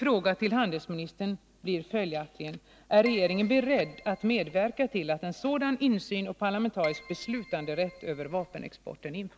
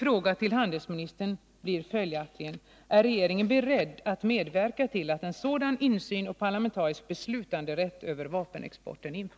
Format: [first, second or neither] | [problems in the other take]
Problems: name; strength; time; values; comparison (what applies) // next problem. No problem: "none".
second | background sound (Keyboard (musical)); 17 dB below the speech